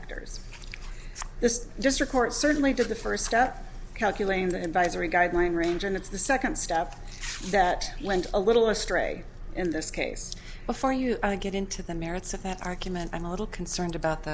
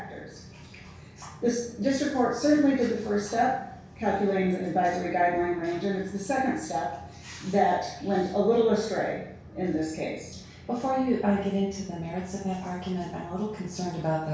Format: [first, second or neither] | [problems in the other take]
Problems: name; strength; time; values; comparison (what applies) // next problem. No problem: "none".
first | room echo; dies away in 0.6 s